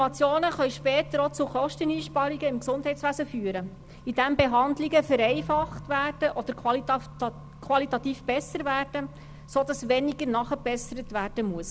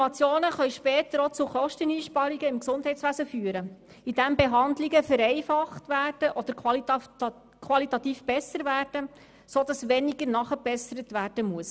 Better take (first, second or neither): second